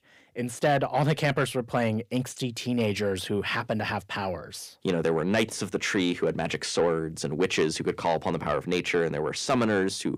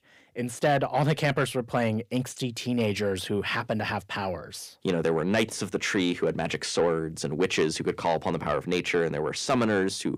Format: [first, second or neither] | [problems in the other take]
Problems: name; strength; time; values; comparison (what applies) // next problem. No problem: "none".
neither | distortion; slight; 10 dB below the speech; the same in both